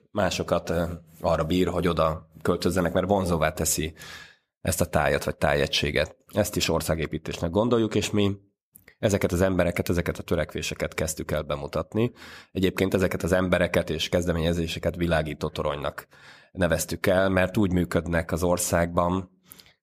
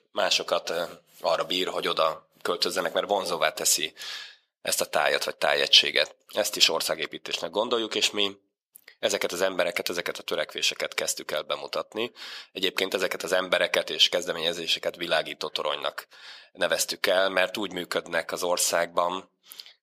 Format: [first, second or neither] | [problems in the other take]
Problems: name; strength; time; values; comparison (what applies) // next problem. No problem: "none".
first | thin; somewhat; fading below 500 Hz